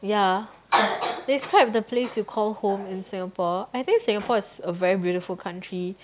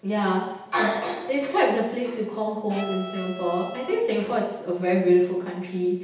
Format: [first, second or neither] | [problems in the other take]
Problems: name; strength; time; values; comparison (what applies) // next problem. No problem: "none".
first | background sound (Bowed string instrument); 14 dB below the speech // room echo; dies away in 0.9 s